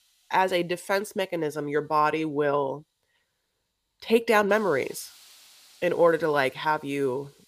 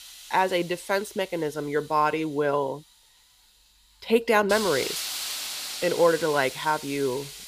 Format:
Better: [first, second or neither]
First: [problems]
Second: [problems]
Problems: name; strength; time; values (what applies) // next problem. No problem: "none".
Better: first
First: hiss; faint; throughout; 30 dB below the speech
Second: hiss; loud; throughout; 8 dB below the speech